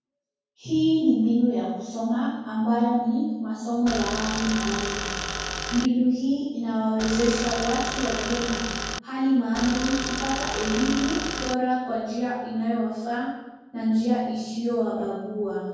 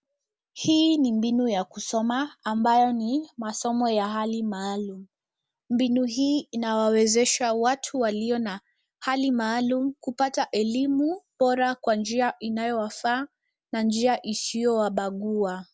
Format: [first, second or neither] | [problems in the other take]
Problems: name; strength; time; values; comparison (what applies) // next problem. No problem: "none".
second | background sound (Tools); 5 dB below the speech // room echo; dies away in 1.3 s